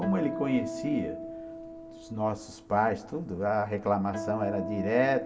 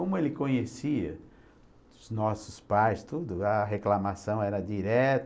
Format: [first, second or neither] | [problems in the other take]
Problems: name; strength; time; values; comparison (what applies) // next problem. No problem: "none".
second | background sound (Acoustic guitar); 9 dB below the speech // room echo; dies away in 1.9 s